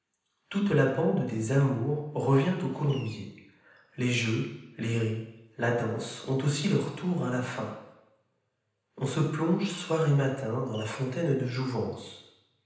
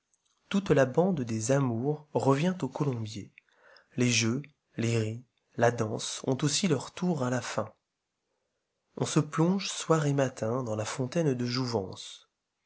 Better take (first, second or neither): second